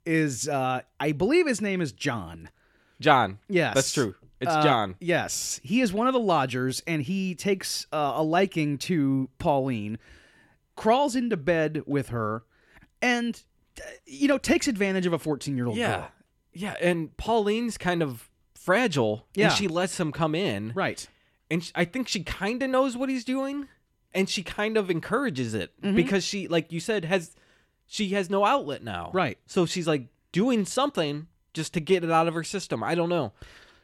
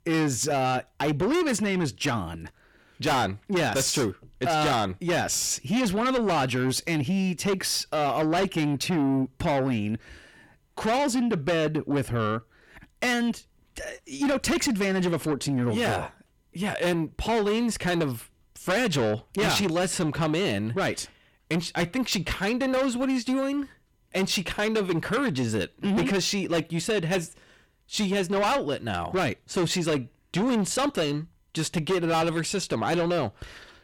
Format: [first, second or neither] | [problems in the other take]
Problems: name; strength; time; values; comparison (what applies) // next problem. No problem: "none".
first | distortion; heavy; 6 dB below the speech